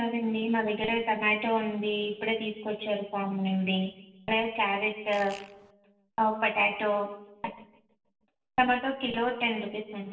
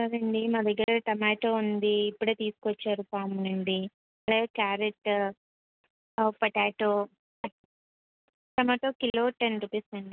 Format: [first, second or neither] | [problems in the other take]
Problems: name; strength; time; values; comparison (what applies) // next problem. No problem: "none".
second | noise reduction (neural separator model SepFormer DNS4)